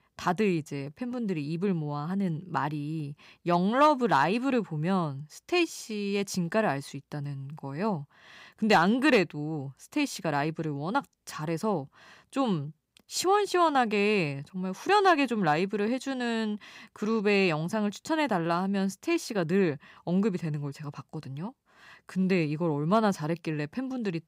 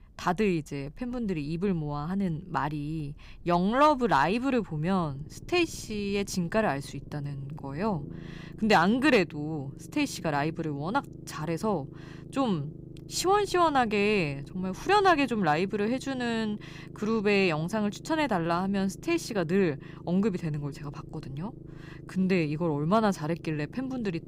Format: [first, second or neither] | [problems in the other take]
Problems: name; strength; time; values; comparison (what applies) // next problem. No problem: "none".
first | low rumble; faint; throughout; 25 dB below the speech